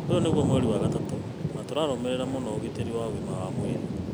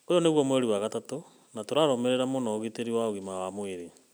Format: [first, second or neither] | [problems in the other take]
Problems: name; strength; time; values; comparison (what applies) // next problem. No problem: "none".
second | background sound (Thunder / Rain); 2 dB above the speech